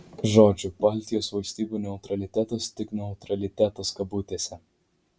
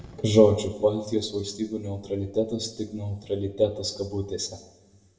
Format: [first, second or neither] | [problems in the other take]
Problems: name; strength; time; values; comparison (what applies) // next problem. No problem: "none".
first | room echo; dies away in 0.8 s